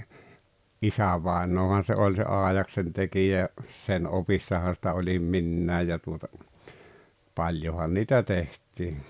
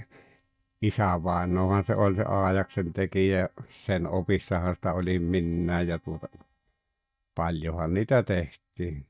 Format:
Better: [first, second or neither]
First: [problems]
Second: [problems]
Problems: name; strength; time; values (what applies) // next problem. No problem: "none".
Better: first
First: none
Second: noise reduction (neural mask model DeepFilterNet 3)